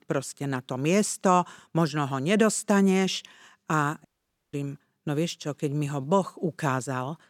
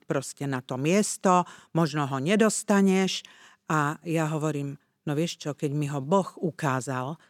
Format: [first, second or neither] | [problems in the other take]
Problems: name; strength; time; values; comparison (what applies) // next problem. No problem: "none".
second | audio cutting out; at 4 s